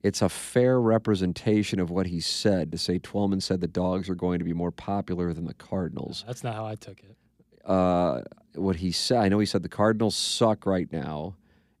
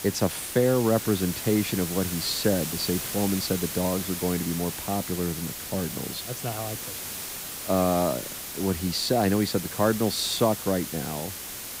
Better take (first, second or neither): first